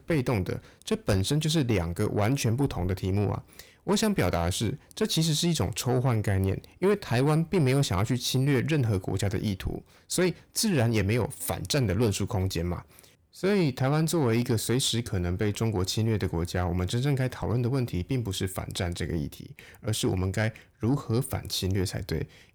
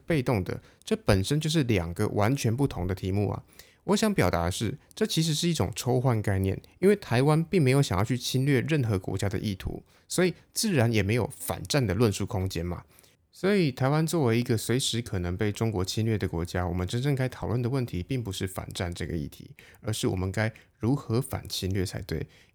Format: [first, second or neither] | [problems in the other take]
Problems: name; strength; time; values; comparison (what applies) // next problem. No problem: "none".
second | distortion; slight; 10 dB below the speech